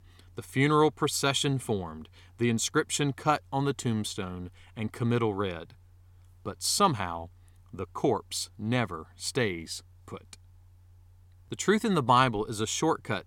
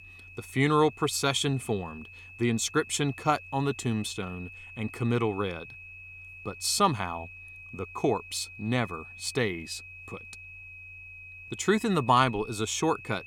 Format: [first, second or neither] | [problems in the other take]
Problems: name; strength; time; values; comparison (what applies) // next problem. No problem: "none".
first | high-pitched whine; noticeable; throughout; 2.5 kHz, 15 dB below the speech